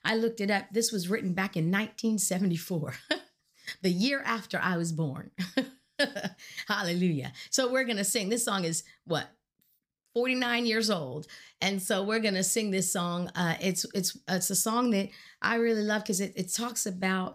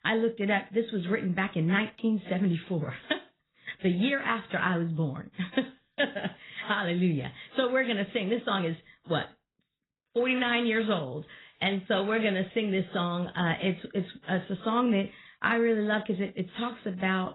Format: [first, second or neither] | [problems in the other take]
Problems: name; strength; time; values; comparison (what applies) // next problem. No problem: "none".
first | garbled, watery; badly; nothing above 4 kHz